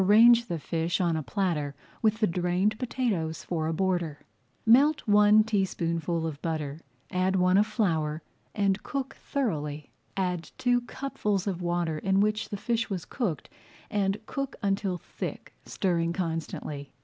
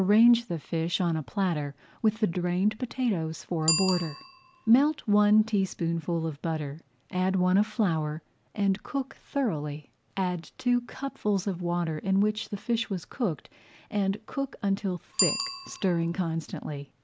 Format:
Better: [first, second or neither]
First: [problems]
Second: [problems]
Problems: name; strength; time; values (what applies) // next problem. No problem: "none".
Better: first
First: none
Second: background sound (Bicycle bell); 13 dB below the speech